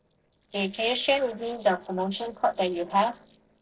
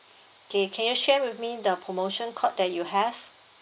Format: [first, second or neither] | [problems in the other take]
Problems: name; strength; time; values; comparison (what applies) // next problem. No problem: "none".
second | noise reduction (neural separator model SepFormer DNS4)